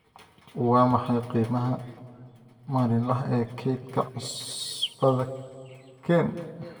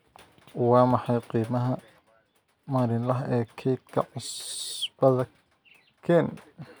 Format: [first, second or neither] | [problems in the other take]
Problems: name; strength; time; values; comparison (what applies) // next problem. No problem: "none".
second | room echo; dies away in 1.2 s